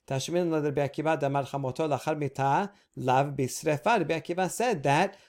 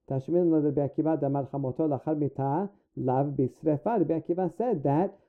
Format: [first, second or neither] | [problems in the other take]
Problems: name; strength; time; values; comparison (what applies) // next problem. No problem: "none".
first | muffled; very; fading above 1.5 kHz